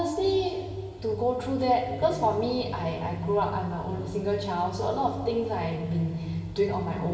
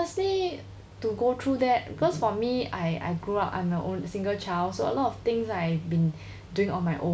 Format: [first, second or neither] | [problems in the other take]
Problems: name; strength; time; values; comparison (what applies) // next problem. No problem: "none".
second | room echo; dies away in 1.9 s